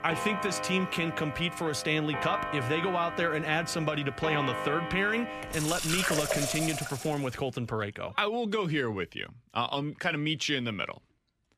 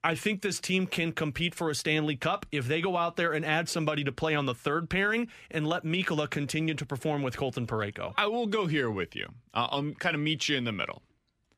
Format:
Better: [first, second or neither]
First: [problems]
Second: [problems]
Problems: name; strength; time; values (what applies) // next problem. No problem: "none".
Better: second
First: household noises; loud; until 7 s; 4 dB below the speech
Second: none